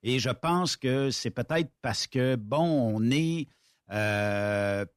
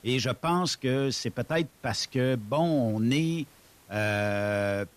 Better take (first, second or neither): first